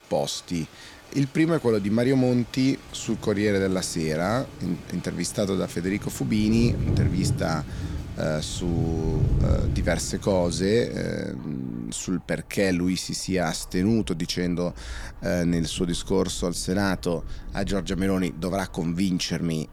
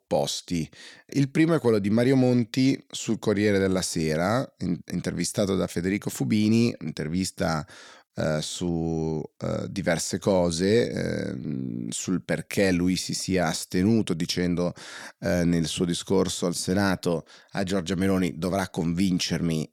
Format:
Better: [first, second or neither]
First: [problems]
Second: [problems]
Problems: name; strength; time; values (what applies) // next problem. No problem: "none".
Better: second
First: rain or running water; loud; throughout; 6 dB below the speech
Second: none